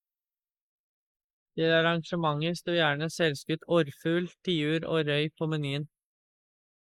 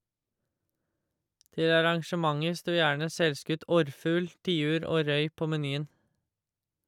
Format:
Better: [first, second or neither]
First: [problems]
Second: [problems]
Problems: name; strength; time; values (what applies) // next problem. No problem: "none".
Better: second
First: noise reduction (neural mask model Resemble Enhance denoiser)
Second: none